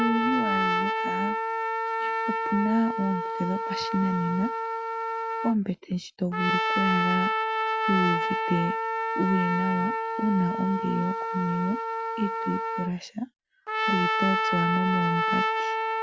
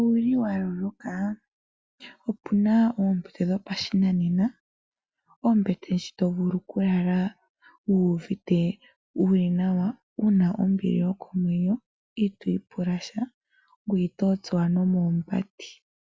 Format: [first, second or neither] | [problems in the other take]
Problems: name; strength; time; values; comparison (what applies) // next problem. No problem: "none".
second | background sound (Trumpet); 1 dB above the speech